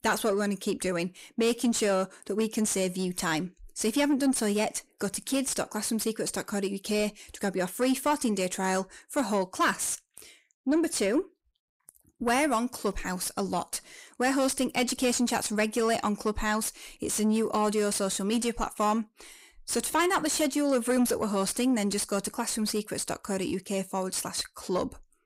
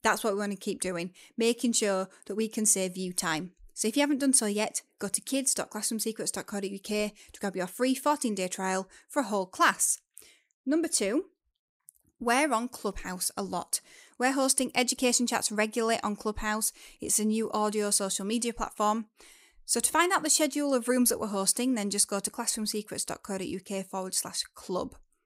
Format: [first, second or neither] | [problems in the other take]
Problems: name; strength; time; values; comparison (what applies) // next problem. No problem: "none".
second | distortion; heavy; 8 dB below the speech